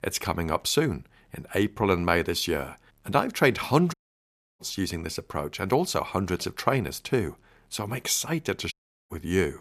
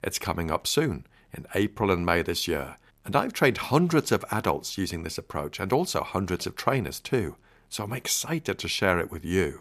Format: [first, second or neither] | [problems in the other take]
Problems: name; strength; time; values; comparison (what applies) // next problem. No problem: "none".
second | audio cutting out; at 4 s for 0.5 s and at 8.5 s